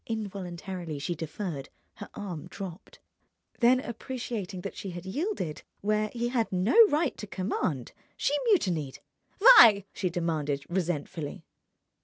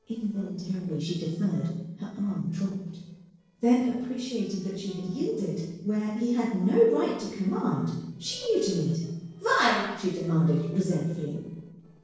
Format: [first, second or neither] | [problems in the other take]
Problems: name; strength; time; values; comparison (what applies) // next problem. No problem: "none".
first | noise reduction (neural separator model SepFormer DNS4)